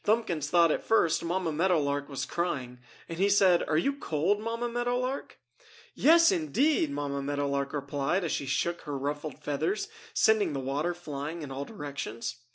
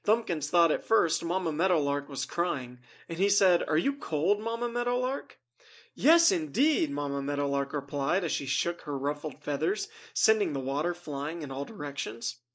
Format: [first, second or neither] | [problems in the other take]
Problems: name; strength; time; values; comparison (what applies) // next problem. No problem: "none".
first | noise reduction (neural mask model Resemble Enhance denoiser)